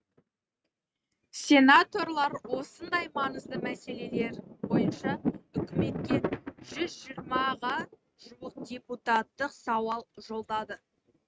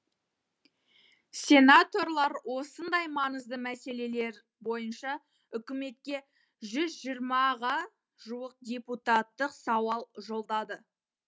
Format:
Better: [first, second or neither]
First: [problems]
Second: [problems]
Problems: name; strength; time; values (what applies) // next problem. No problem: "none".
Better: second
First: noise reduction (neural mask model RNNoise)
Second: none